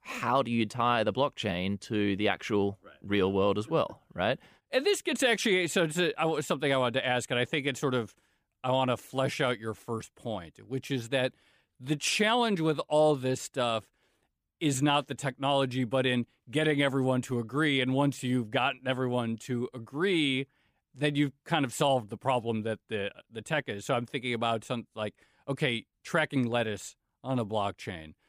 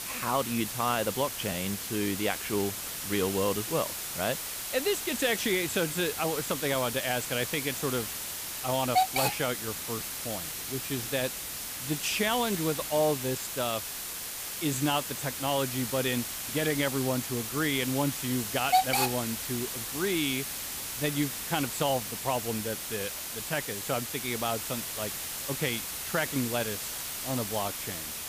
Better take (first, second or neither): first